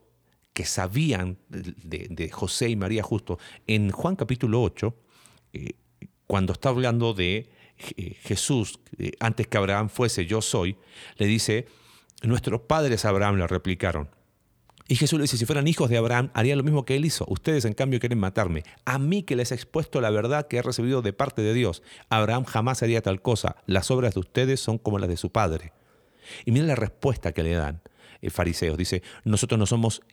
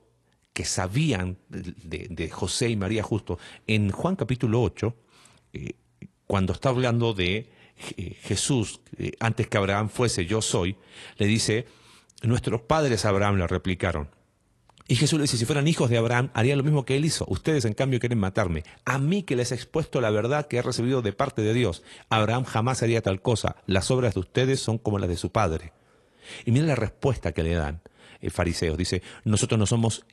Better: first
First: none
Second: garbled, watery; slightly

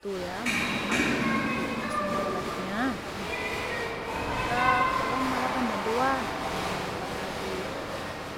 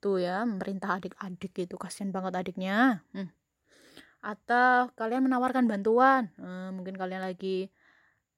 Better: second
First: crowd noise; very loud; throughout; 5 dB above the speech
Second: none

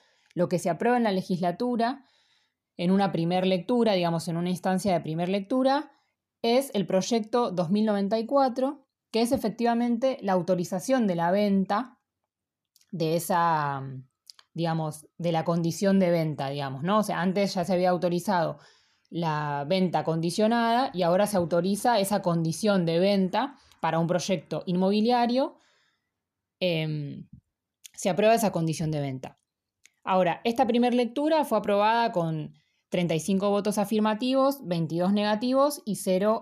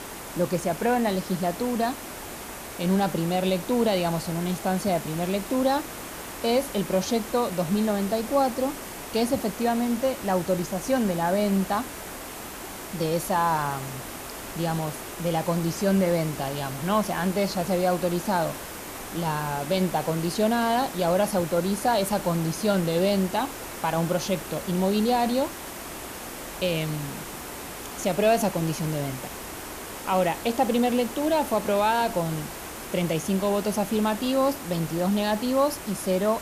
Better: first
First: none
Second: hiss; noticeable; throughout; 10 dB below the speech

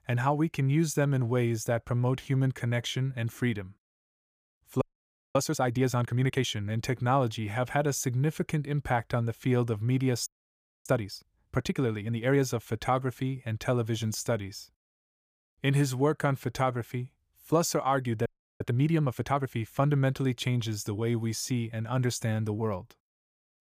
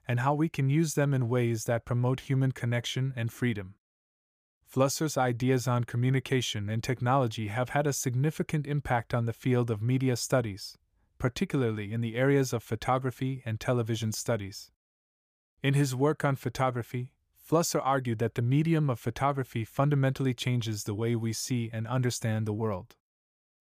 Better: second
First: audio freezing; at 5 s for 0.5 s, at 10 s for 0.5 s and at 18 s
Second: none

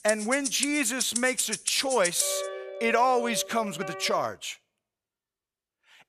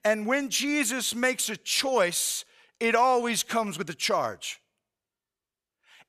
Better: second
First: background music; very faint; until 4 s; 6 dB below the speech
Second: none

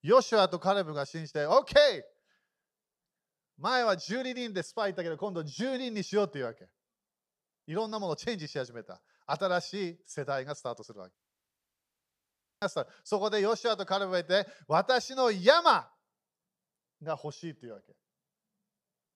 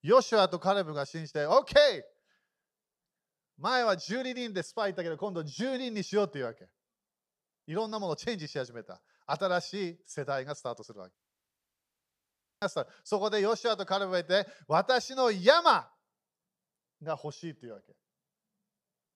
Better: neither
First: audio cutting out; at 11 s for 1.5 s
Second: audio cutting out; at 11 s for 1.5 s

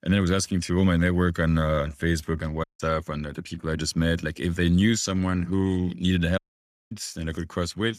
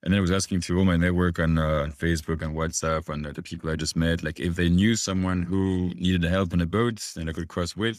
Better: second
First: audio cutting out; at 2.5 s and at 6.5 s for 0.5 s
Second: none

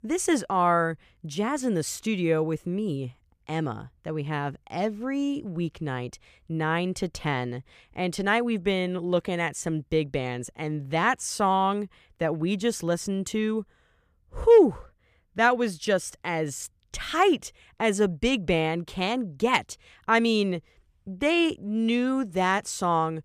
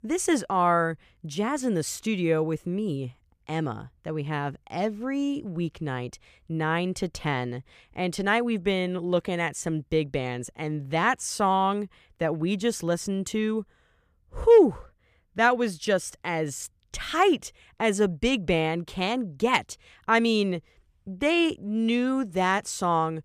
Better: neither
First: none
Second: none

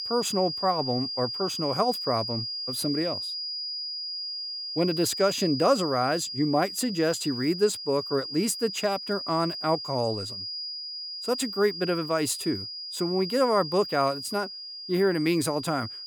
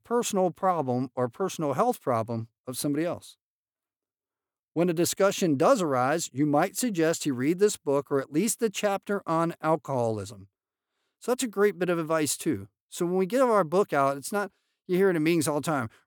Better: second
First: high-pitched whine; loud; throughout; 5 kHz, 5 dB below the speech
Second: none

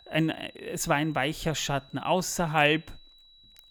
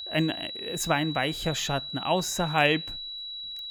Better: first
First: high-pitched whine; faint; throughout; 4 kHz, 25 dB below the speech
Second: high-pitched whine; loud; throughout; 4 kHz, 7 dB below the speech

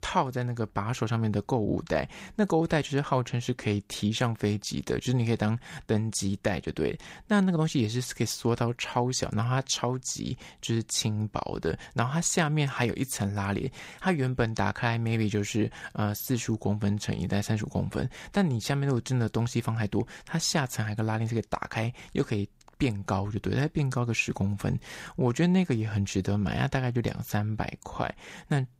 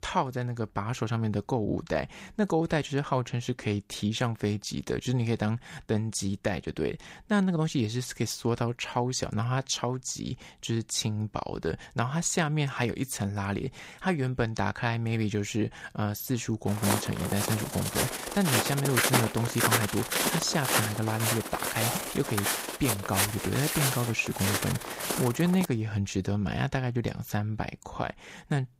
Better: first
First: none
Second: footsteps; loud; from 17 to 26 s; peak 6 dB above the speech

